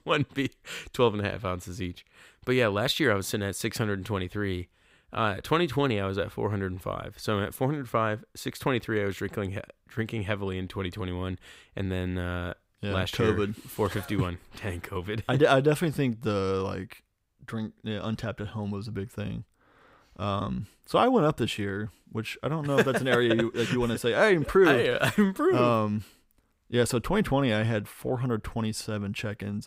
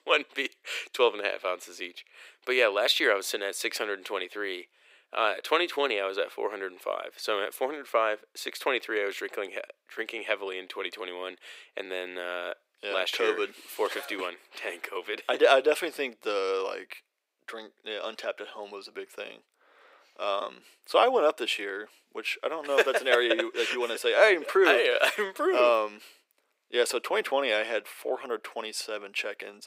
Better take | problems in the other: first | thin; very; fading below 350 Hz

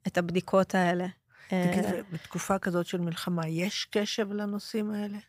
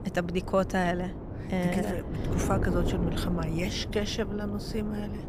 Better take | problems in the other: first | wind noise on the microphone; heavy; 8 dB below the speech

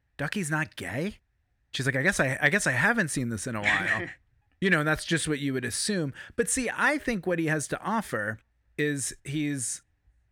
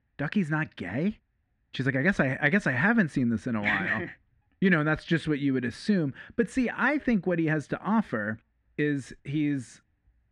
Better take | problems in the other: first | muffled; slightly; fading above 3 kHz

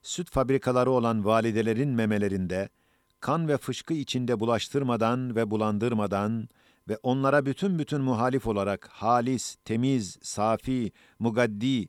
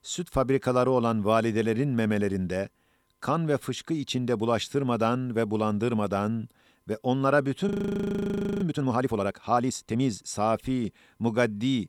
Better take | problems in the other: first | audio freezing; at 7.5 s for 1 s

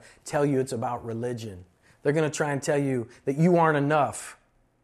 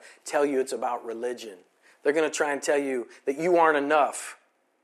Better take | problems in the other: first | thin; somewhat; fading below 300 Hz

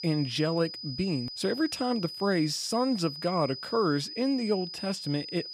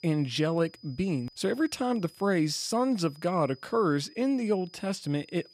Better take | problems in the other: second | high-pitched whine; loud; throughout; 5 kHz, 8 dB below the speech; faint in the second

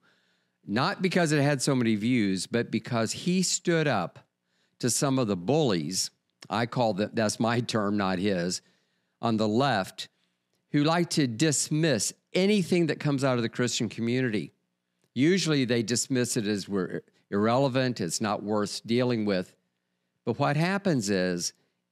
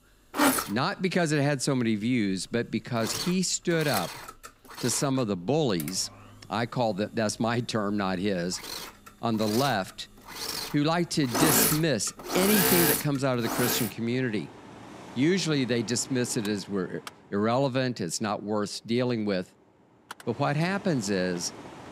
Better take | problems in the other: first | machinery noise; loud; throughout; 1 dB below the speech

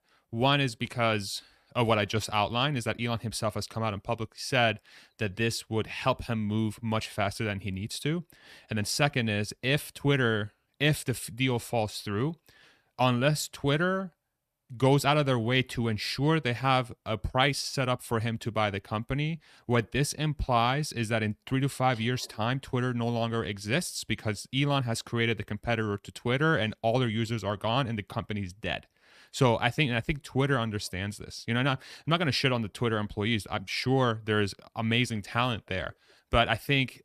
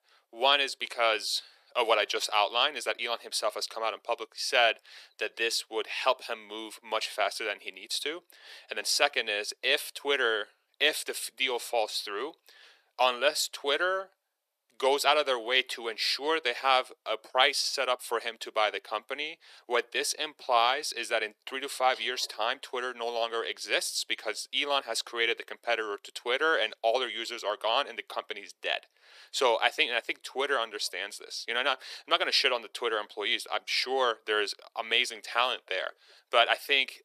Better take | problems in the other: first | thin; very; fading below 400 Hz

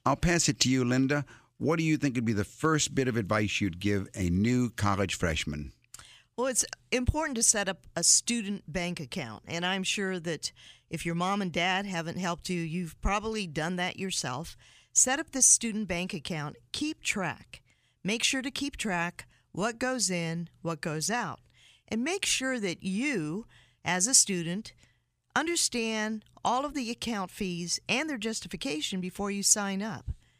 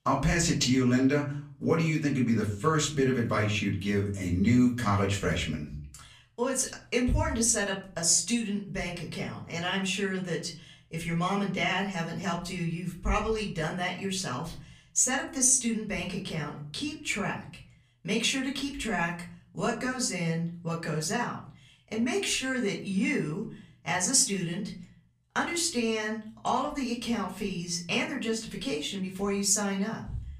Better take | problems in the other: first | off-mic speech; far // room echo; very slight; dies away in 0.4 s

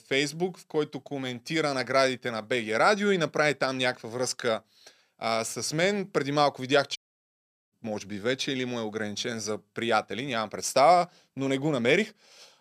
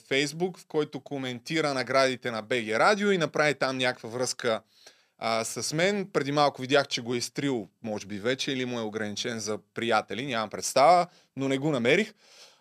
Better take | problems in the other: second | audio cutting out; at 7 s for 1 s

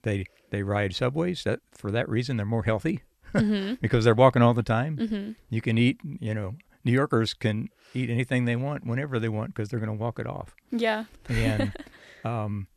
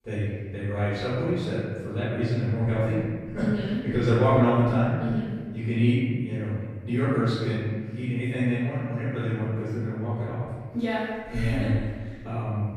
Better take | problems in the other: first | off-mic speech; far // room echo; strong; dies away in 1.6 s

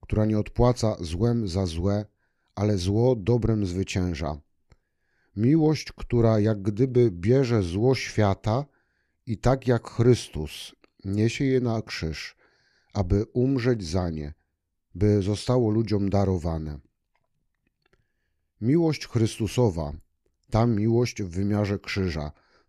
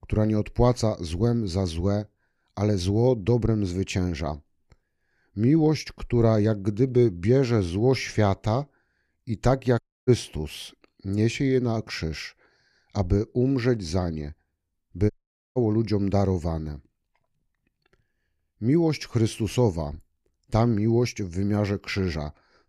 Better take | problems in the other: first | audio cutting out; at 10 s and at 15 s

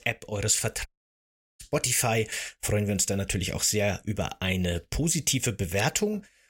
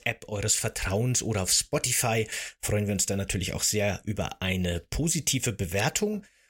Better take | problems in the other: second | audio cutting out; at 1 s for 0.5 s

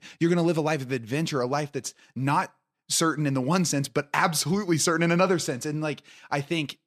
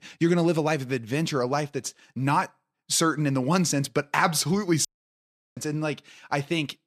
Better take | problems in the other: first | audio cutting out; at 5 s for 0.5 s

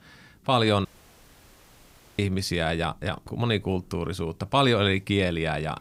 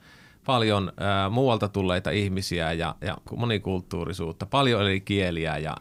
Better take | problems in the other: second | audio cutting out; at 1 s for 1.5 s

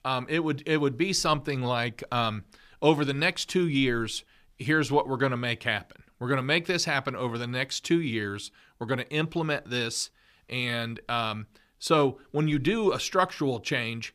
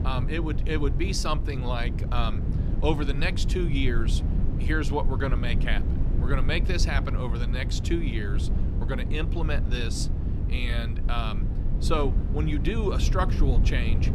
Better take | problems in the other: first | low rumble; loud; throughout; 9 dB below the speech

